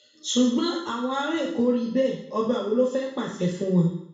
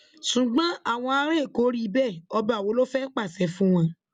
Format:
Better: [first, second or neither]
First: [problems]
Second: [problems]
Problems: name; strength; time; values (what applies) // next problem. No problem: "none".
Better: second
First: room echo; dies away in 0.6 s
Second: none